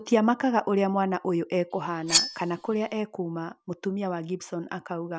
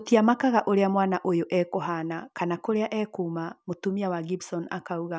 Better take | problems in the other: second | background sound (Cutlery, silverware); 2 dB below the speech

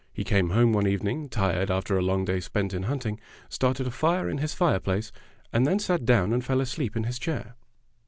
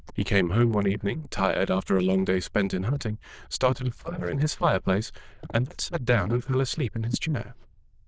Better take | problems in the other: first | noise reduction (neural diffusion model UNIVERSE++)

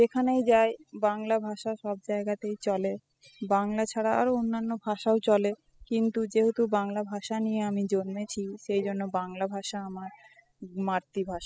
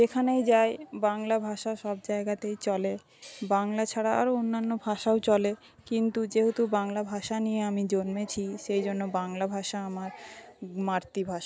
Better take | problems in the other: second | noise reduction (classical method spectral subtraction)

